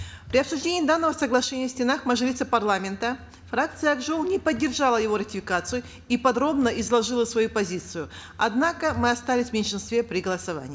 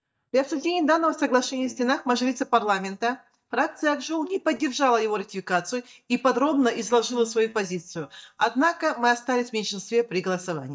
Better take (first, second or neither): first